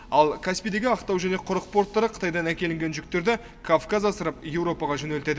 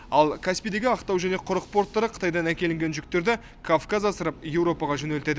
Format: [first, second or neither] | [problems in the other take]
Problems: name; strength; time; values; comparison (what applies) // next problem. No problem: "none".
second | room echo; dies away in 1.2 s